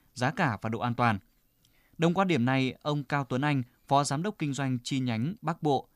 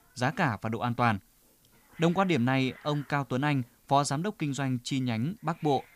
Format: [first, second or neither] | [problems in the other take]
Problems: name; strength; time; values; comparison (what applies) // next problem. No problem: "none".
first | hiss; faint; throughout; 25 dB below the speech